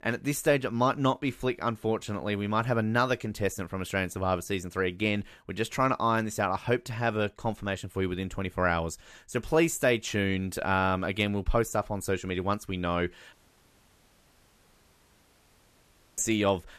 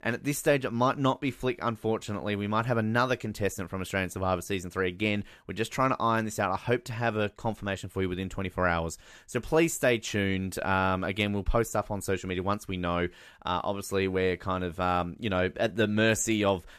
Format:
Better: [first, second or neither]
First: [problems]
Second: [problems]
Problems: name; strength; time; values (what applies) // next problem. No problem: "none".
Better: second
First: audio cutting out; at 13 s for 3 s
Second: none